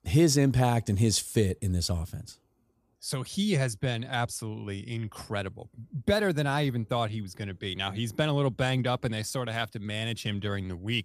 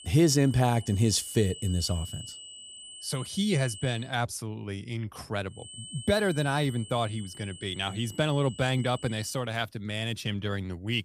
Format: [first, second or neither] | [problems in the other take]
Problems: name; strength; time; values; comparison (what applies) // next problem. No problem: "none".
first | high-pitched whine; noticeable; until 4 s and from 5.5 to 9.5 s; 3 kHz, 15 dB below the speech